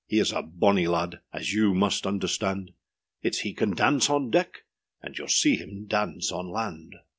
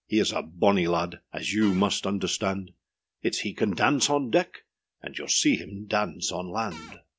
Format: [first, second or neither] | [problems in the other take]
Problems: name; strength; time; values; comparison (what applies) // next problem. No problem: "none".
first | background sound (Cupboard open or close / Door); 18 dB below the speech